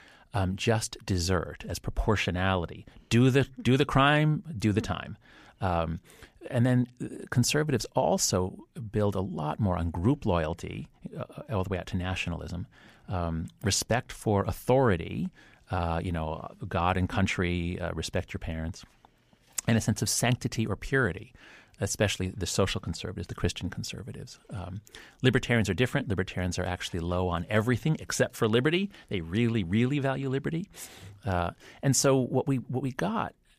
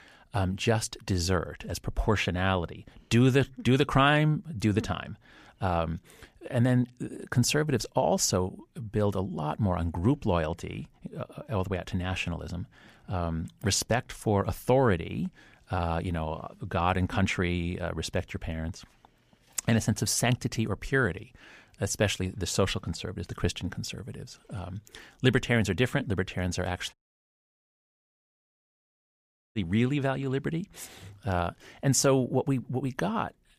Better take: first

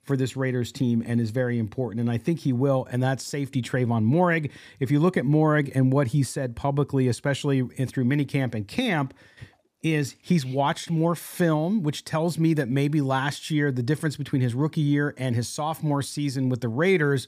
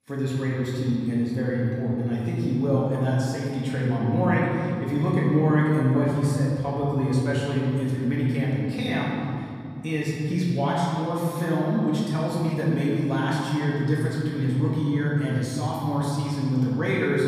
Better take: first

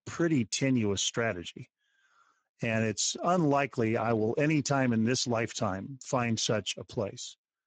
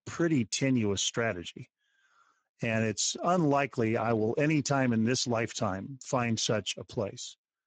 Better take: neither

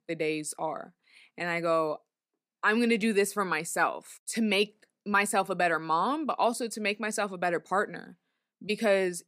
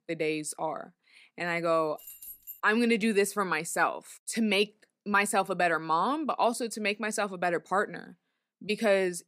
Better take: first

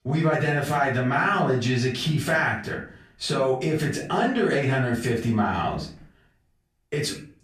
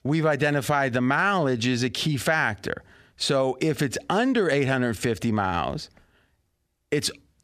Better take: second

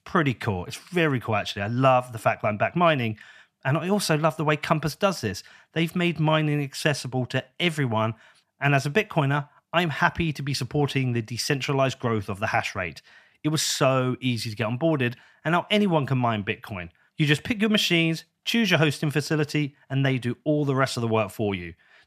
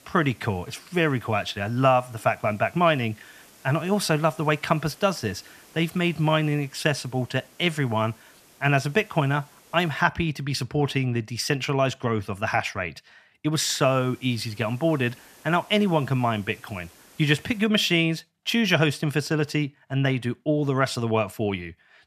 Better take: first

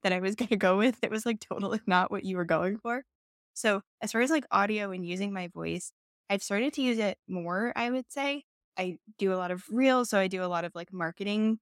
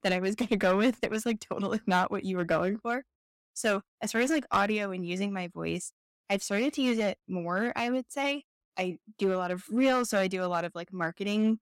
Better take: first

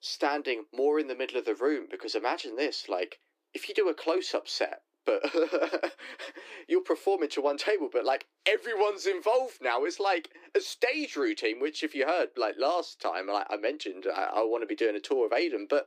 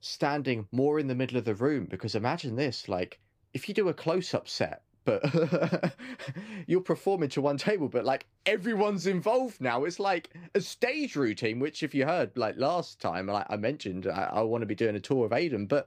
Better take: second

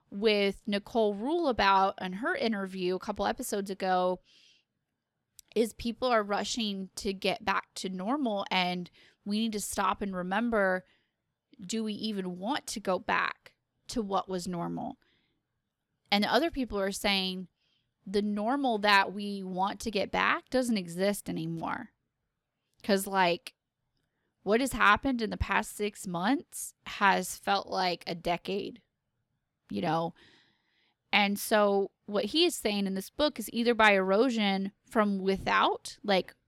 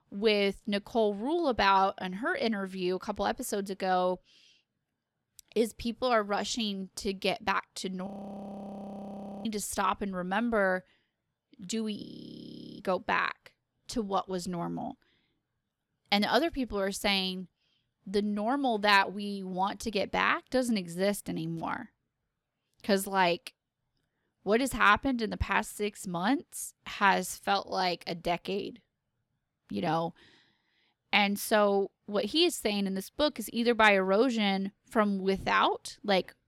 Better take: first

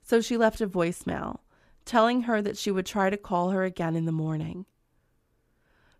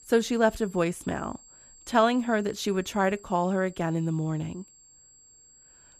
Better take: first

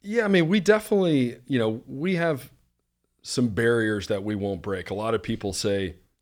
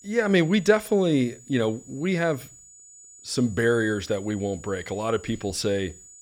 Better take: first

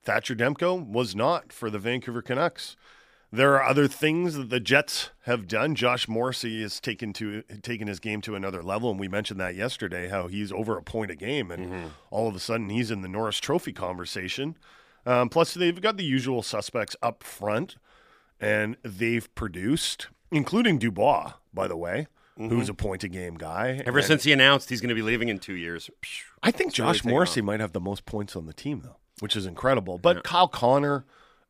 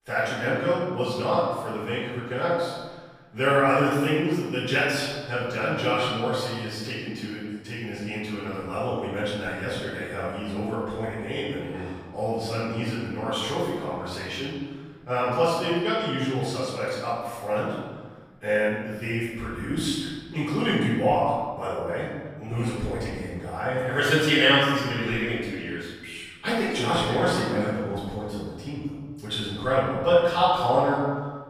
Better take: first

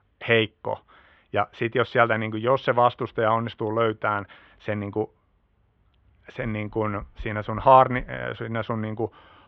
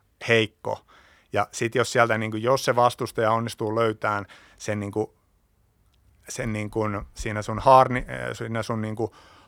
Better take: second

